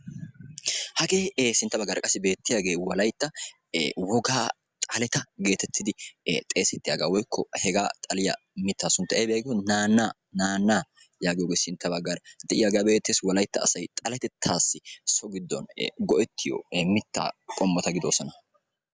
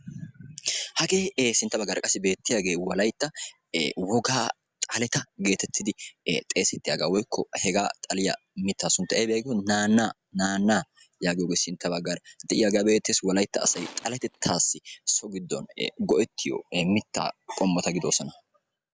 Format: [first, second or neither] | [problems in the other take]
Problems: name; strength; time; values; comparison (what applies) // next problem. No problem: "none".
first | background sound (Tools); 19 dB below the speech